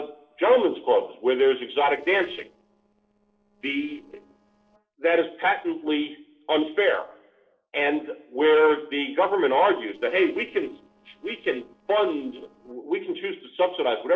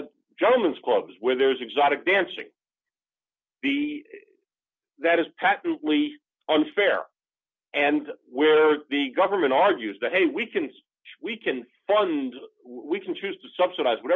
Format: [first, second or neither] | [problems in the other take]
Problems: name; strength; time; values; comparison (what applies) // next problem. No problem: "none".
second | noise reduction (neural separator model SepFormer DNS4)